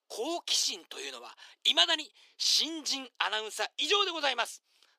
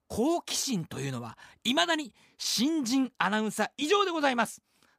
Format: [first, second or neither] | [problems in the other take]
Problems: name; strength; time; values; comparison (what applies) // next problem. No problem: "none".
second | thin; very; fading below 350 Hz